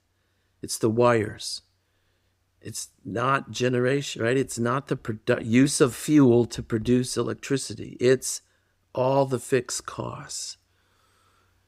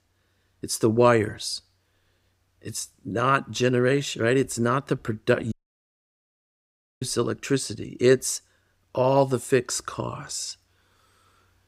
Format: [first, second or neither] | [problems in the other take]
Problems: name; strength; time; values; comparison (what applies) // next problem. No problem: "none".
first | audio cutting out; at 5.5 s for 1.5 s